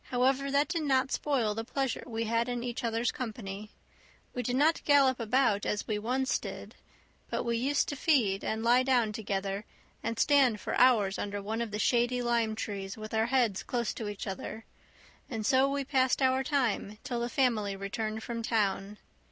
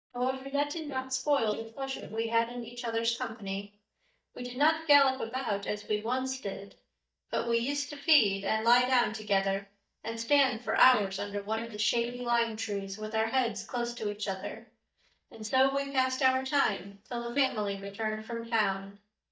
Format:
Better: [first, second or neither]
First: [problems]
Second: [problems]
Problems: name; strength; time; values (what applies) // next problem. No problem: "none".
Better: first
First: none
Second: noise reduction (neural mask model DeepFilterNet 3)